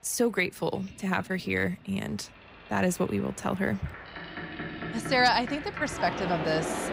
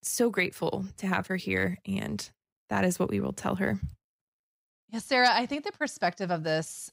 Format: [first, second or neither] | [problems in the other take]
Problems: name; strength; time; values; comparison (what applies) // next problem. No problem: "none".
second | train or aircraft noise; loud; throughout; 8 dB below the speech